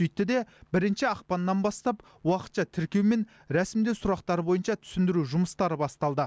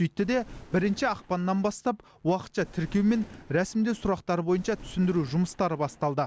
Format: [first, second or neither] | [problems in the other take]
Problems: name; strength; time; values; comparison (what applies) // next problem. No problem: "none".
first | background sound (Thunder); 20 dB below the speech